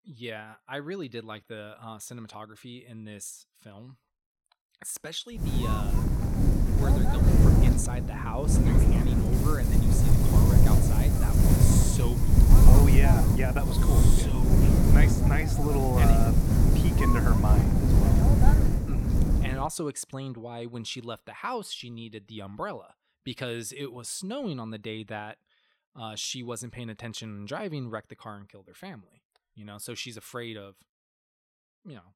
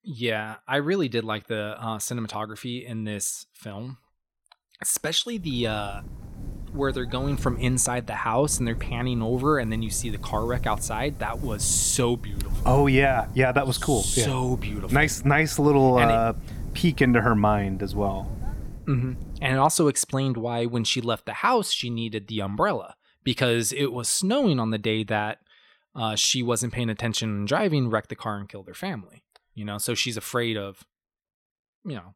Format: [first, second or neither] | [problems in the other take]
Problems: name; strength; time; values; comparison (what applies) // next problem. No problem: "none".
second | wind noise on the microphone; heavy; from 5.5 to 20 s; 3 dB above the speech; occasional gusts in the second